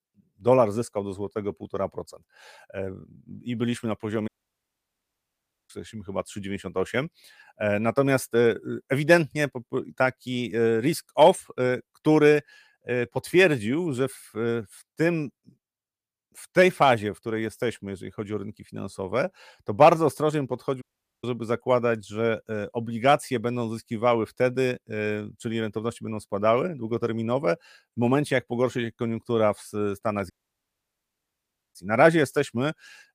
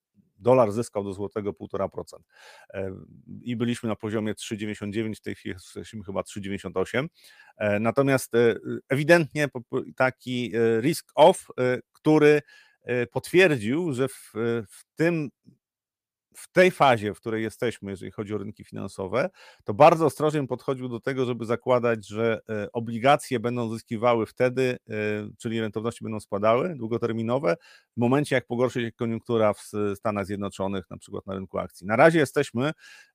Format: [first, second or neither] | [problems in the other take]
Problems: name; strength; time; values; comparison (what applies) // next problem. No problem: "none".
second | audio cutting out; at 4.5 s for 1.5 s, at 21 s and at 30 s for 1.5 s